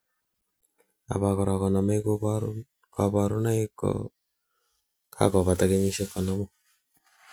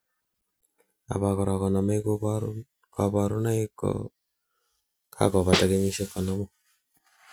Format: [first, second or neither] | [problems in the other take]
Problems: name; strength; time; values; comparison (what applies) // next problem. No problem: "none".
first | background sound (Snare drum); 3 dB above the speech